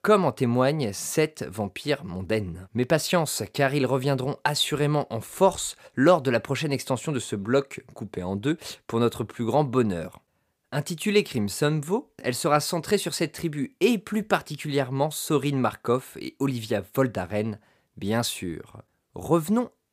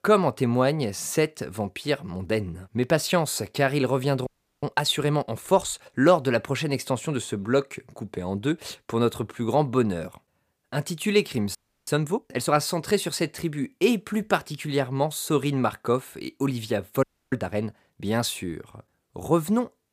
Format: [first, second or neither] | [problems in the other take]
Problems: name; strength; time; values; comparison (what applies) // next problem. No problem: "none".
first | audio freezing; at 4.5 s, at 12 s and at 17 s